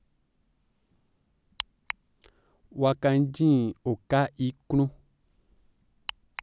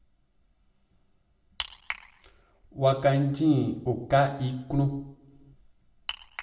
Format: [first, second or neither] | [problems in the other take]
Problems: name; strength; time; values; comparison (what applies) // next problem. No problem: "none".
first | room echo; dies away in 0.6 s